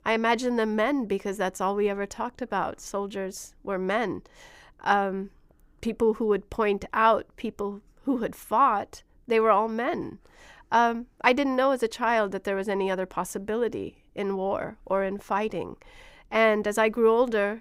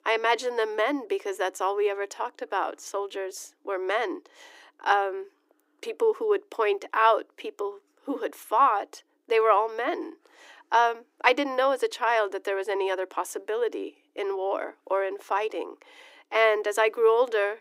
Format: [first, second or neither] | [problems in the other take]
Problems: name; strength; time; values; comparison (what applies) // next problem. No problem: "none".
first | thin; somewhat; fading below 300 Hz